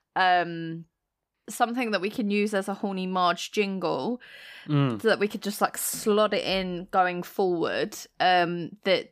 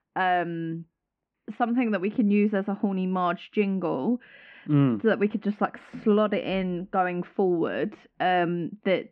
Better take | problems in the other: first | muffled; very; fading above 2.5 kHz

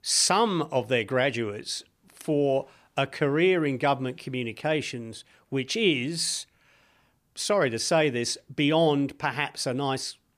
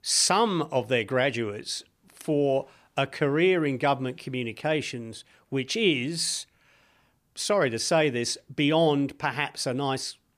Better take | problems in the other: neither | none

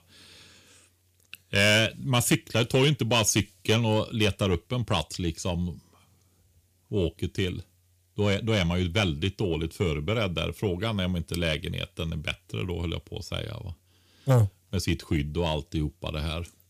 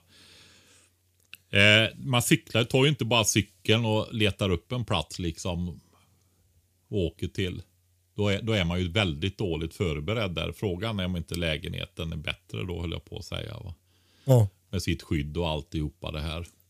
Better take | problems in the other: second | distortion; slight; 10 dB below the speech

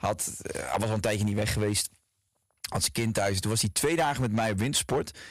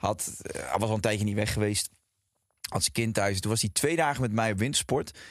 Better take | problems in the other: second | distortion; slight; 5% of the sound clipped

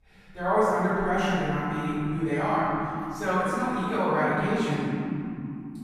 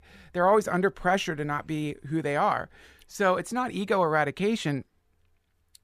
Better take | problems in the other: second | off-mic speech; far // room echo; strong; dies away in 3 s

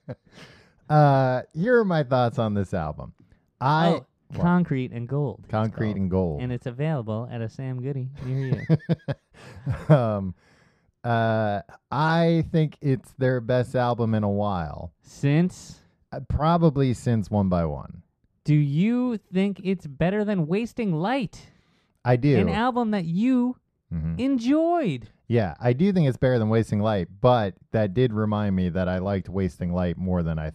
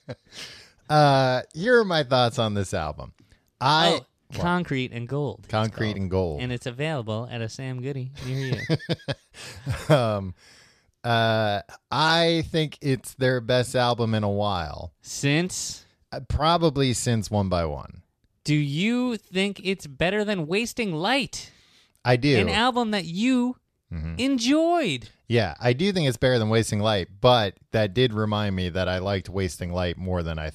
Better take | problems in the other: second | muffled; slightly; fading above 2 kHz

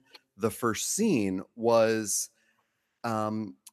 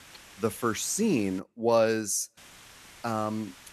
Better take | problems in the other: first | hiss; faint; until 1.5 s and from 2.5 s on; 20 dB below the speech

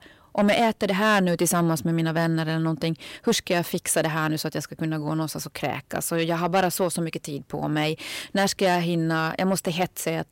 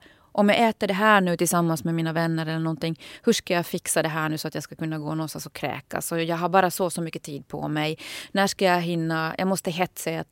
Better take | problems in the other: second | distortion; slight; 10 dB below the speech

